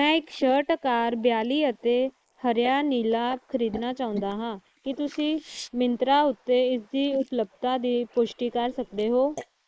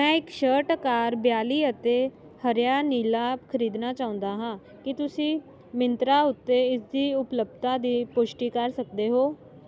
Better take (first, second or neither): second